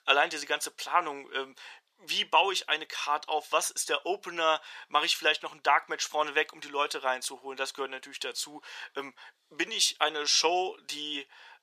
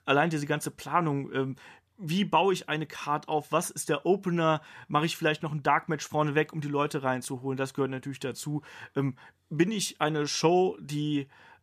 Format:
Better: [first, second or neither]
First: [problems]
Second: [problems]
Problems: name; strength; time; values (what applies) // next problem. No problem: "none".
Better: second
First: thin; very; fading below 500 Hz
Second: none